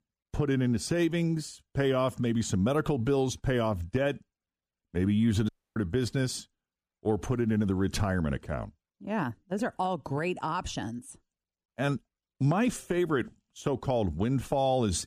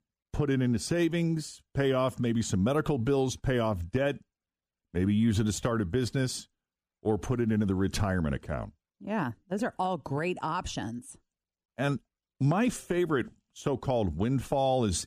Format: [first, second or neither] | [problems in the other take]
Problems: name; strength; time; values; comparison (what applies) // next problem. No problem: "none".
second | audio cutting out; at 5.5 s